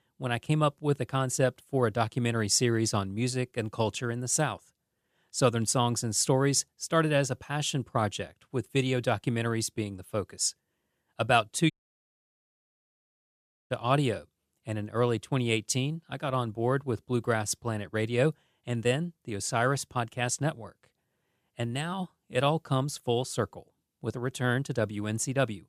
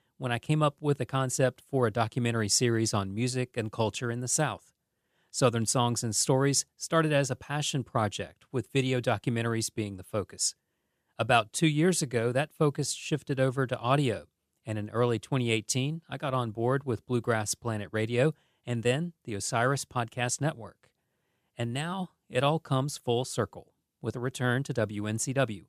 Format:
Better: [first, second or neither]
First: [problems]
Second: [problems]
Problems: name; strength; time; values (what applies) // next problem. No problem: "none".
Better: second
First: audio cutting out; at 12 s for 2 s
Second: none